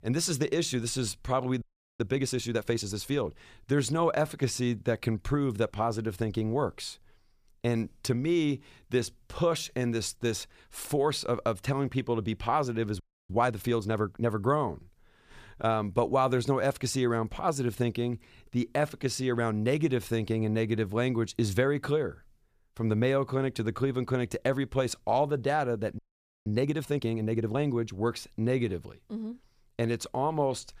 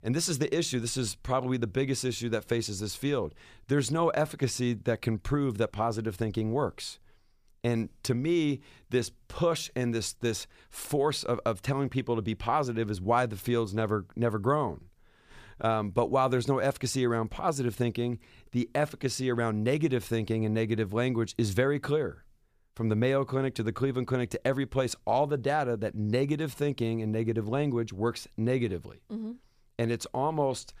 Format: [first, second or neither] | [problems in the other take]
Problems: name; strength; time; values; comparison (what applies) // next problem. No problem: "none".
second | audio freezing; at 1.5 s, at 13 s and at 26 s